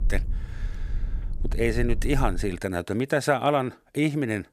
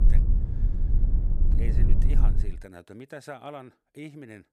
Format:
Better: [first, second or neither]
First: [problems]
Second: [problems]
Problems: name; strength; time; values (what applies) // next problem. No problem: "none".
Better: first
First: low rumble; faint; until 2.5 s; 25 dB below the speech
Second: low rumble; loud; until 2.5 s; 1 dB below the speech